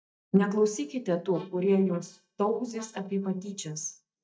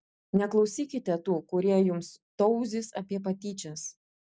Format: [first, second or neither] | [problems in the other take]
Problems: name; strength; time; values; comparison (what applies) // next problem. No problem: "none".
second | noise reduction (neural mask model DeepFilterNet 3)